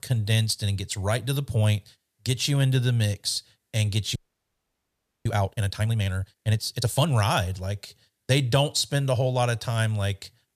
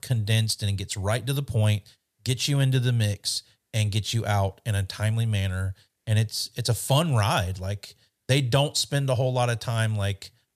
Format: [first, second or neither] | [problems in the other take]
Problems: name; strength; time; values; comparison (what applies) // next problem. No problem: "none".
second | audio freezing; at 4 s for 1 s